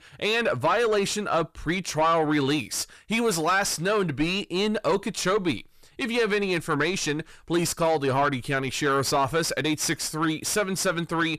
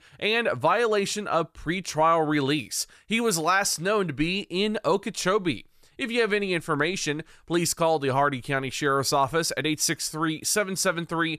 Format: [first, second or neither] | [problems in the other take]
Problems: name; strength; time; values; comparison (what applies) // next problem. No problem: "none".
second | distortion; slight; 10 dB below the speech